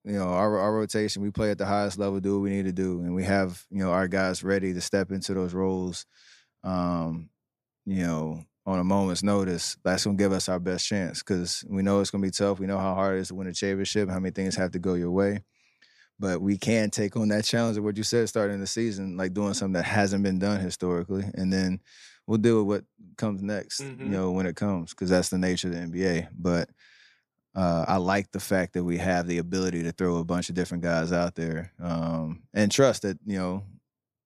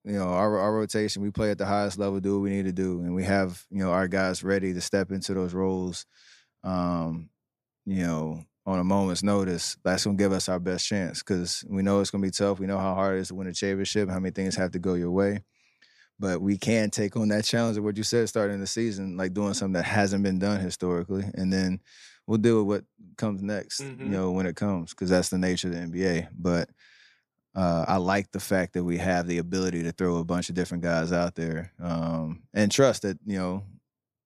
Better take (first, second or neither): neither